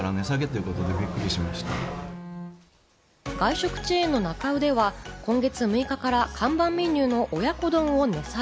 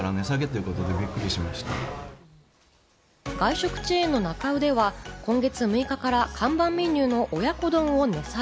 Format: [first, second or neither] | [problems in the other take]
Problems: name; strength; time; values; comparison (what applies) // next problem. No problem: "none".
second | background sound (Bowed string instrument); 12 dB below the speech